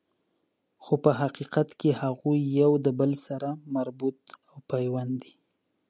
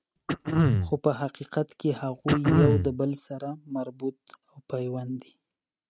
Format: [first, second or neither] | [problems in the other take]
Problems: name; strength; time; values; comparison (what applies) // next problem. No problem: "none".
first | noise reduction (neural mask model RNNoise)